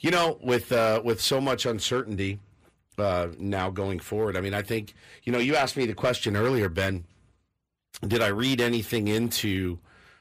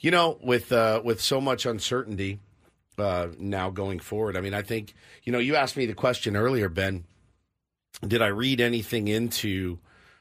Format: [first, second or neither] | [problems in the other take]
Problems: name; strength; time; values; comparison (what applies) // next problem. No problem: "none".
second | distortion; slight; 5% of the sound clipped